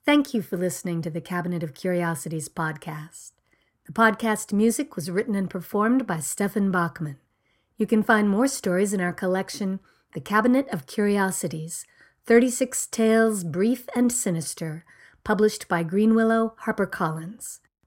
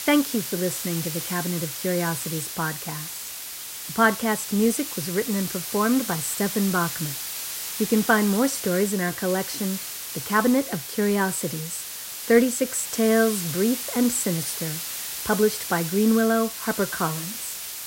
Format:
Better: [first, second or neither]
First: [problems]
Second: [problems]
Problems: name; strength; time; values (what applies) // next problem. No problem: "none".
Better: first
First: none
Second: hiss; loud; throughout; 6 dB below the speech